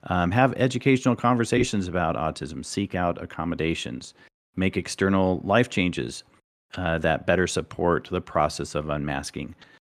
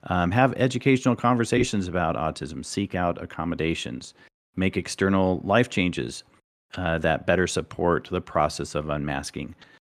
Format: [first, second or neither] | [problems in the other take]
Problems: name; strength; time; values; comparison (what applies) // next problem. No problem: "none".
neither | none